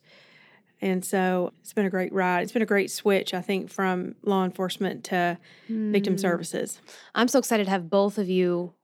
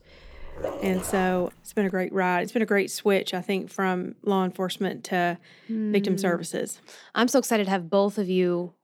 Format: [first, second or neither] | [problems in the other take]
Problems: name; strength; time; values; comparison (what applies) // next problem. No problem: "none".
first | dog barking; noticeable; until 1.5 s; peak 7 dB below the speech